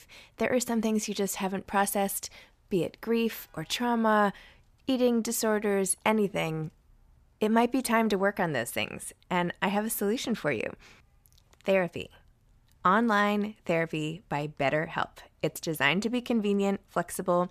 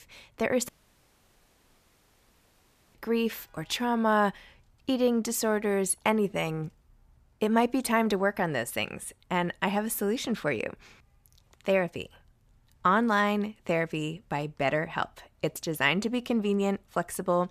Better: first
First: none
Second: audio cutting out; at 0.5 s for 2.5 s

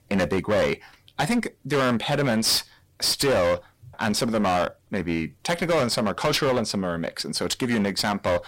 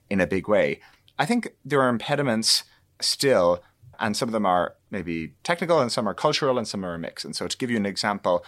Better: second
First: distortion; heavy; 18% of the sound clipped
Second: none

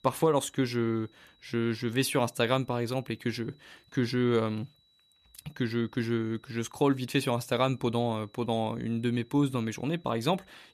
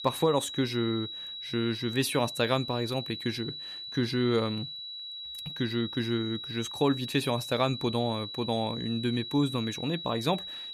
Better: first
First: high-pitched whine; faint; throughout; 4 kHz, 35 dB below the speech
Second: high-pitched whine; loud; throughout; 4 kHz, 7 dB below the speech

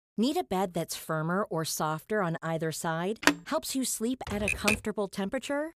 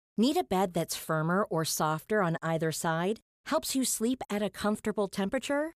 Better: second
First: phone ringing; loud; at 3 s; peak 4 dB above the speech // keyboard typing; loud; at 4.5 s; peak 4 dB above the speech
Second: none

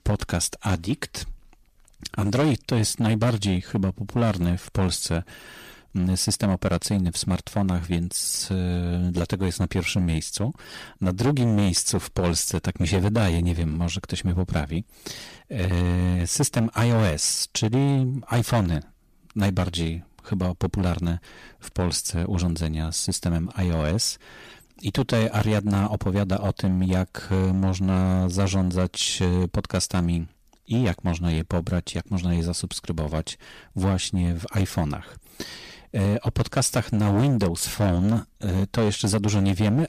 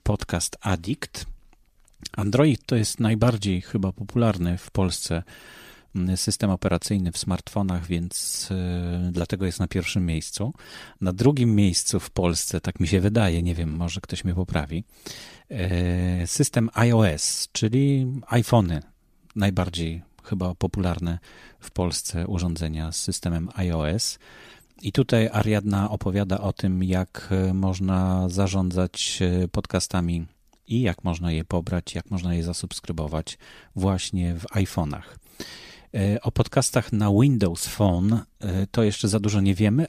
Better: second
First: distortion; slight; 8% of the sound clipped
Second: none

